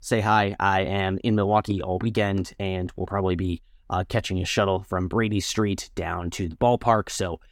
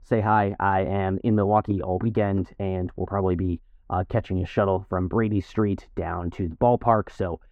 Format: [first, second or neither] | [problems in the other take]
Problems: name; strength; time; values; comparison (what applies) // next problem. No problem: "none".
first | muffled; very; fading above 3 kHz